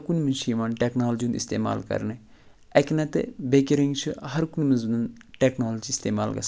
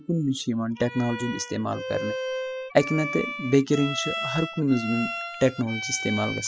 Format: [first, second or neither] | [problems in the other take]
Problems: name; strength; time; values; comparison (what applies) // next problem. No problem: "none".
first | noise reduction (classical method spectral subtraction)